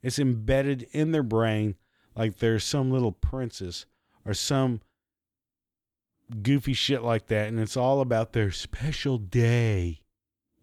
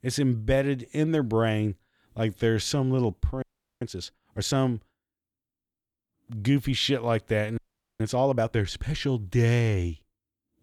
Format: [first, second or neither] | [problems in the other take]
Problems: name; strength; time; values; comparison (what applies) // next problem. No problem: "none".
first | audio freezing; at 3.5 s and at 7.5 s